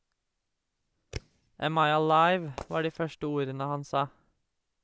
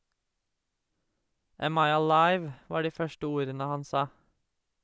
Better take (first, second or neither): second